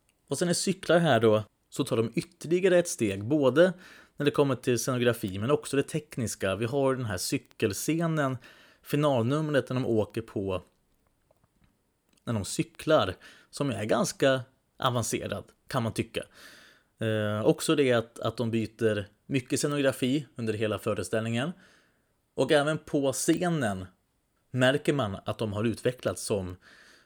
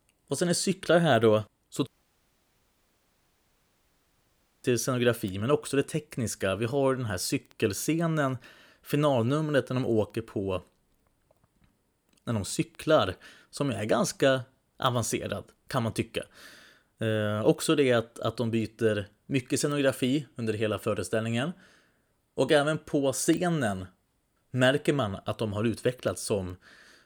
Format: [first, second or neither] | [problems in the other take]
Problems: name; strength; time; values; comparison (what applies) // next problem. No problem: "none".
first | audio cutting out; at 2 s for 3 s